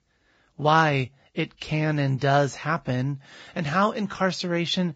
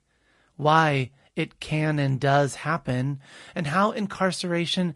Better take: second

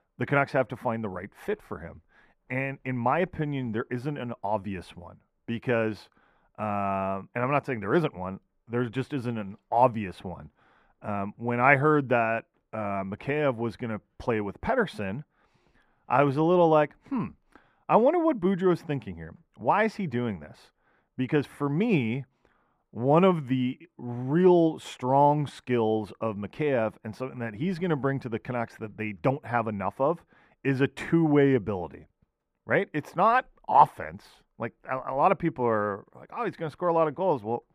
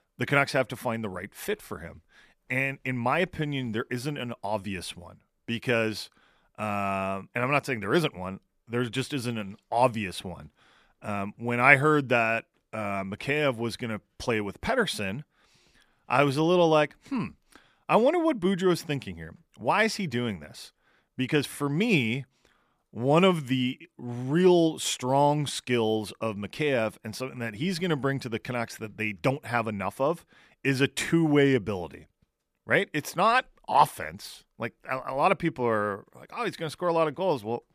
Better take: second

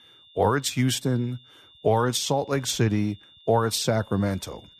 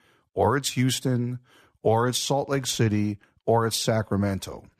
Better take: second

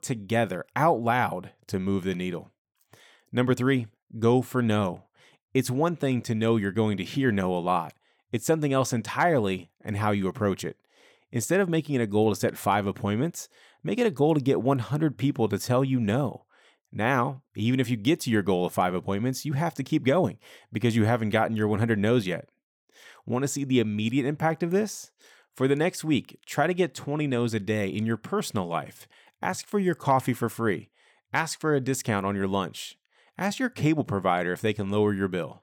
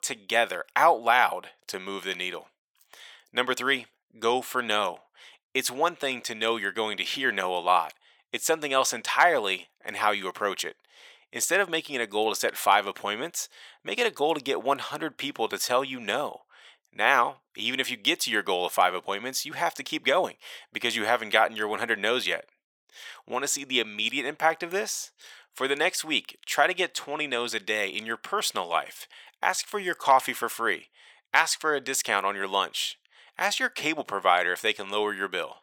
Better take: first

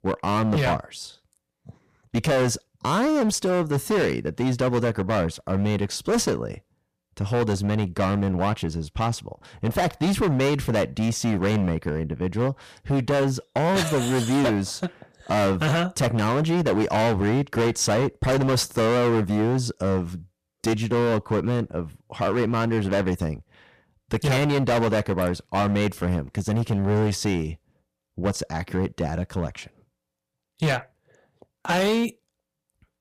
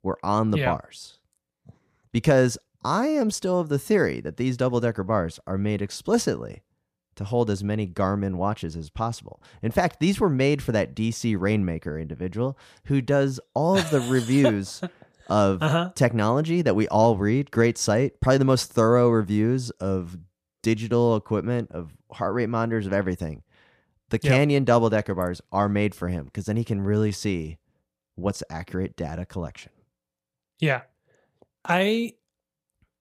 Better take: second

